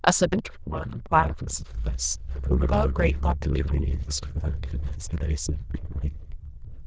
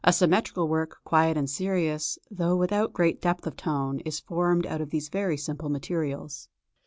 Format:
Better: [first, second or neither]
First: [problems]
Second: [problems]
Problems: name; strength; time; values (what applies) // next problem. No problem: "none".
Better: second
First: noise reduction (neural diffusion model UNIVERSE++)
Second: none